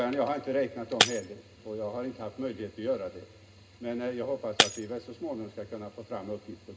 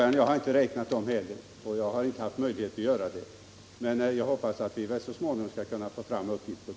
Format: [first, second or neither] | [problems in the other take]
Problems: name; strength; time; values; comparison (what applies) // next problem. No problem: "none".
second | background sound (Shatter); 1 dB below the speech // room echo; dies away in 0.2 s